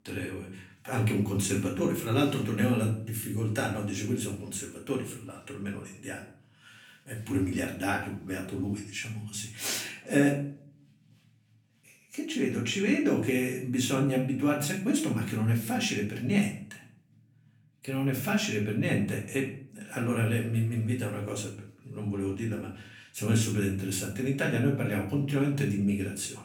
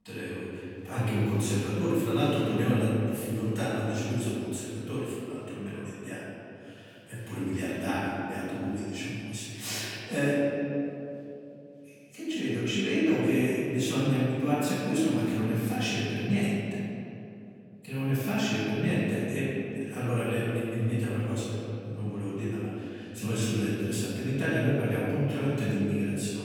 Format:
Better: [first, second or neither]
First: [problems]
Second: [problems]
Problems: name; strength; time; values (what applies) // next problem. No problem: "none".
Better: first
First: room echo; slight; dies away in 0.5 s // off-mic speech; far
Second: room echo; strong; dies away in 2.7 s // off-mic speech; far